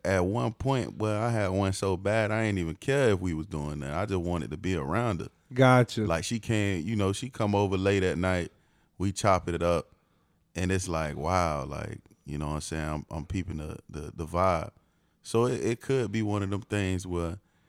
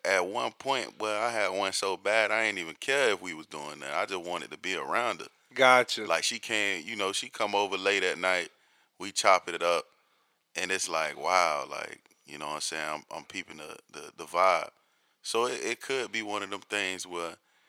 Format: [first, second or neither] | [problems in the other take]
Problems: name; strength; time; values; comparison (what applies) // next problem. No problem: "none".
first | thin; very; fading below 600 Hz